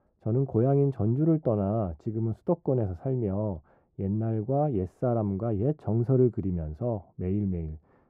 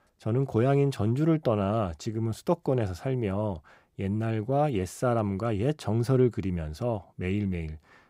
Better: second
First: muffled; very; fading above 1.5 kHz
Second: none

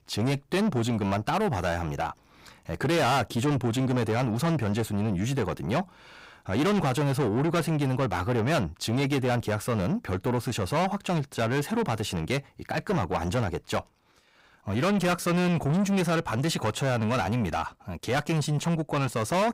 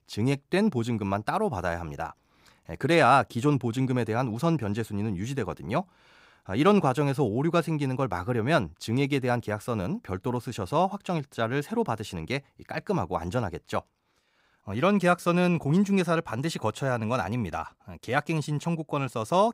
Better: second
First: distortion; heavy; 6 dB below the speech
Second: none

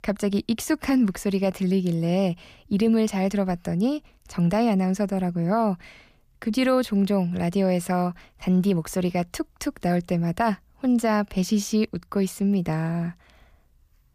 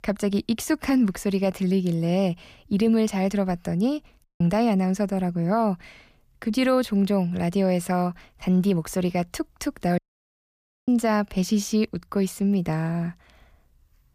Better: first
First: none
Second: audio cutting out; at 4 s and at 10 s for 1 s

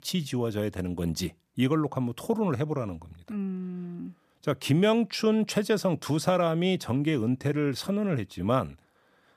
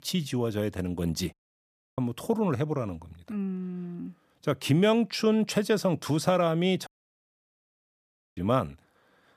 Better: first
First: none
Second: audio cutting out; at 1.5 s for 0.5 s and at 7 s for 1.5 s

